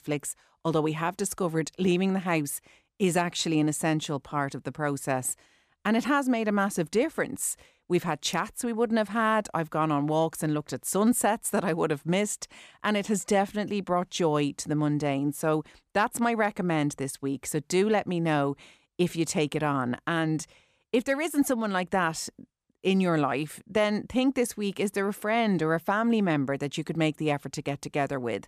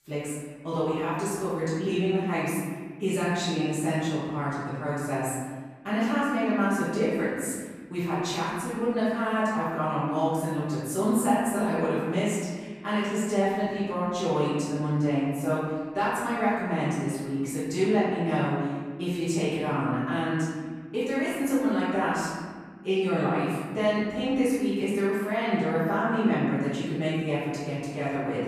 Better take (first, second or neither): first